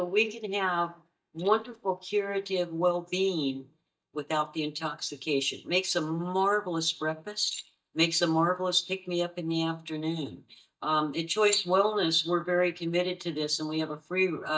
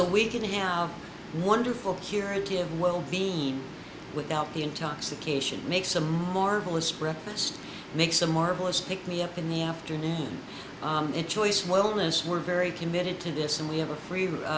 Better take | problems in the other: second | noise reduction (neural mask model DeepFilterNet 3)

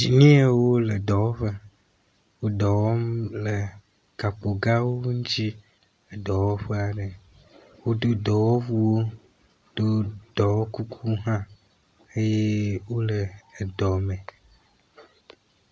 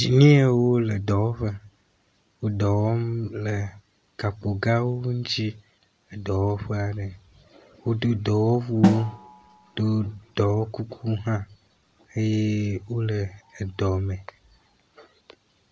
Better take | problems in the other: first | background sound (Snare drum); 5 dB below the speech

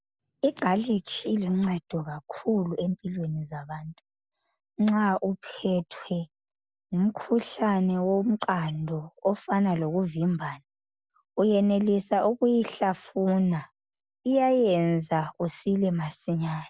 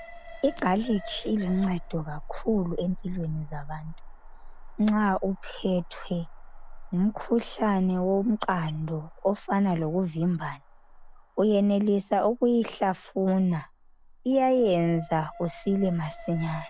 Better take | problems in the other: first | background sound (Alarm); 14 dB below the speech

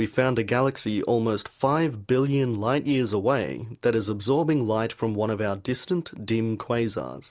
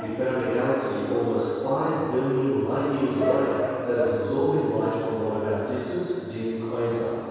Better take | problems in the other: first | background sound (Bark / Motor vehicle (road) / Siren); 12 dB below the speech // room echo; dies away in 2.2 s

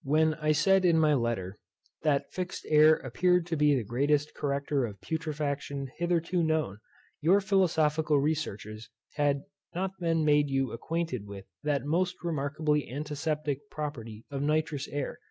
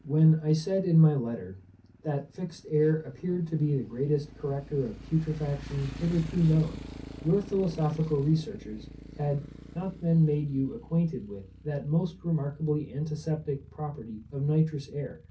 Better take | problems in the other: first | background sound (Motorcycle); 17 dB below the speech // room echo; dies away in 0.3 s

